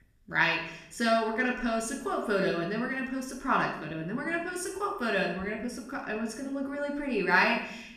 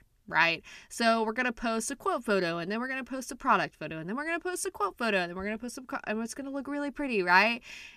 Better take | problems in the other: second | room echo; noticeable; dies away in 0.7 s // off-mic speech; somewhat distant

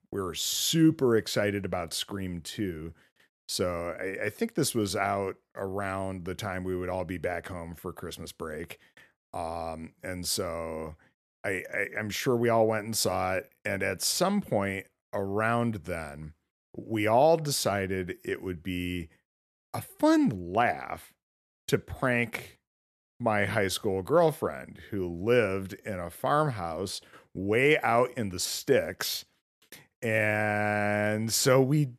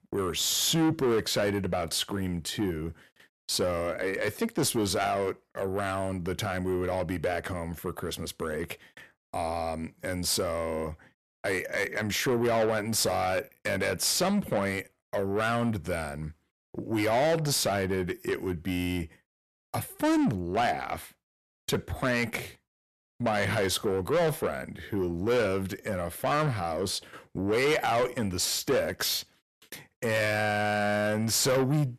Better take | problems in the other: first | distortion; heavy; 7 dB below the speech

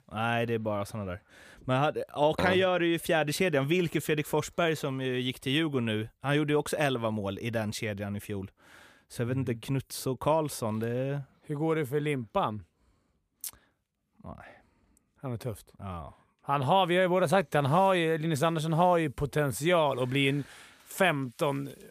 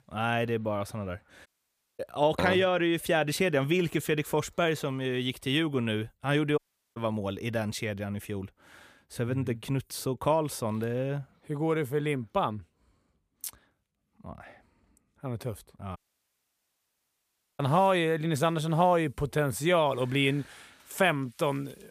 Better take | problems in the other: first | audio cutting out; at 1.5 s for 0.5 s, at 6.5 s and at 16 s for 1.5 s

